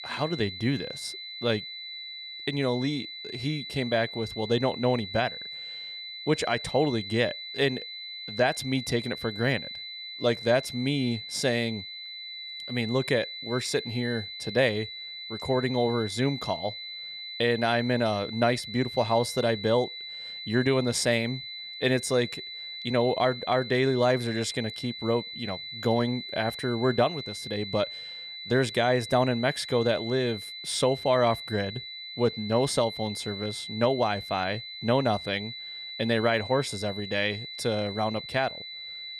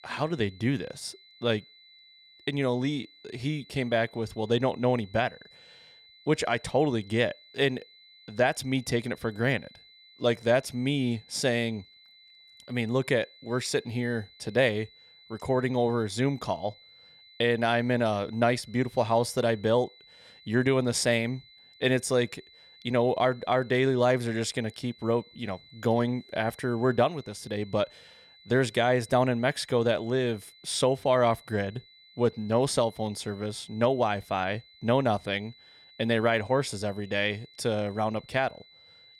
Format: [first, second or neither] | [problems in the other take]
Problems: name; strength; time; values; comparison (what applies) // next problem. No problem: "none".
second | high-pitched whine; loud; throughout; 4 kHz, 9 dB below the speech; faint in the second